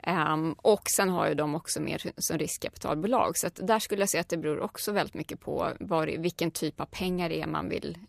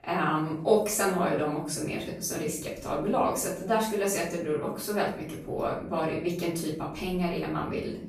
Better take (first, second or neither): first